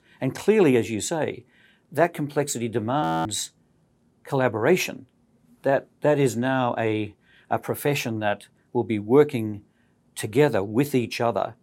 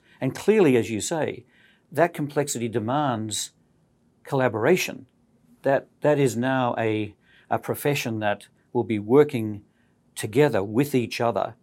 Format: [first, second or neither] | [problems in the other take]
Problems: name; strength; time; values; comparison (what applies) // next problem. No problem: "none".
second | audio freezing; at 3 s